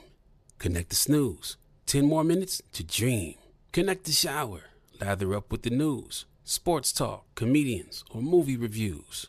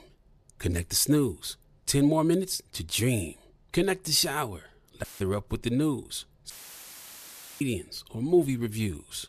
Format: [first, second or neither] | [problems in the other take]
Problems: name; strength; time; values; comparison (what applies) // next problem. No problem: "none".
first | audio cutting out; filled with static; at 5 s and at 6.5 s for 1 s